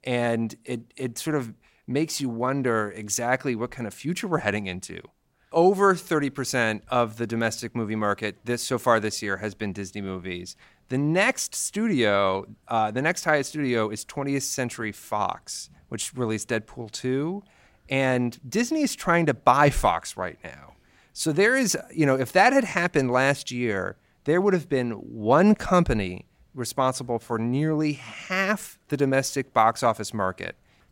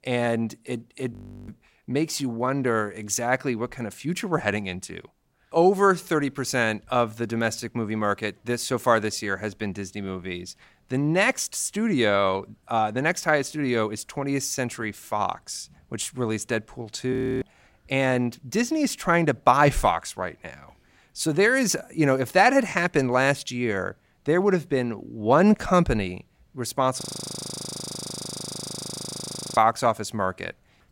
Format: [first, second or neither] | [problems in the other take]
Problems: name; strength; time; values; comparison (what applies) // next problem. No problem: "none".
first | audio freezing; at 1 s, at 17 s and at 27 s for 2.5 s